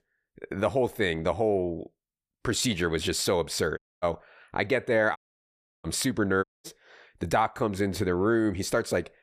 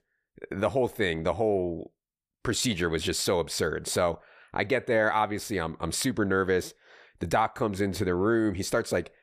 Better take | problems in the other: second | audio cutting out; at 4 s, at 5 s for 0.5 s and at 6.5 s

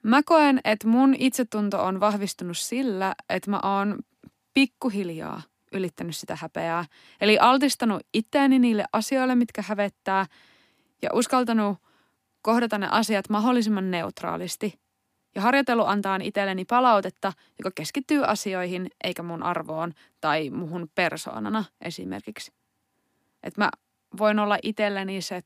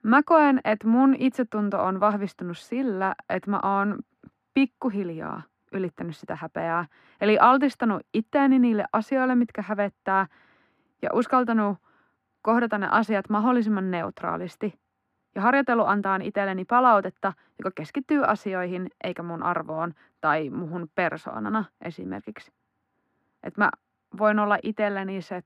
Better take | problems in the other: first | muffled; very; fading above 3.5 kHz

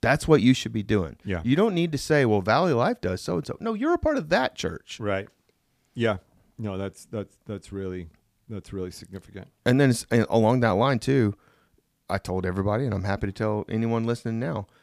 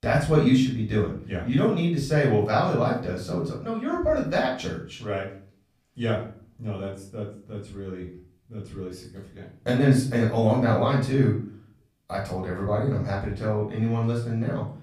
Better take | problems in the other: first | off-mic speech; far // room echo; slight; dies away in 0.4 s

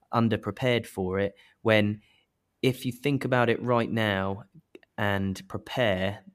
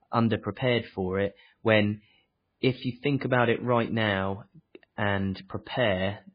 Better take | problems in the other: first | garbled, watery; badly; nothing above 4 kHz

